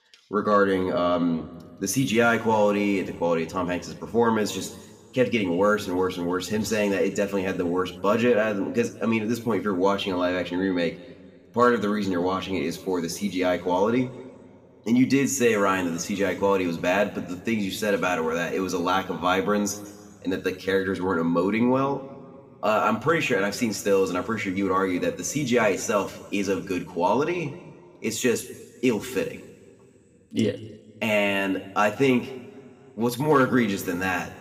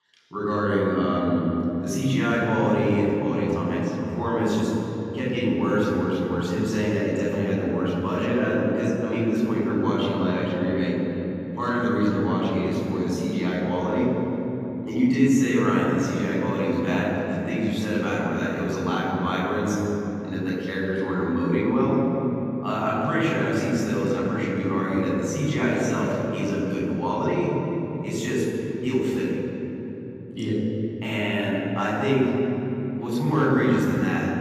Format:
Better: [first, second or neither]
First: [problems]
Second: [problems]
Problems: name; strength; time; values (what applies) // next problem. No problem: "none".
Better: first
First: room echo; slight; dies away in 1.9 s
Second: room echo; strong; dies away in 3 s // off-mic speech; far